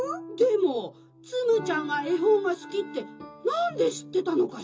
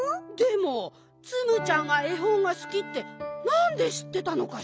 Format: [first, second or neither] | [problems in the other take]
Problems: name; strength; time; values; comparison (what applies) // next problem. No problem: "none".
second | room echo; dies away in 0.2 s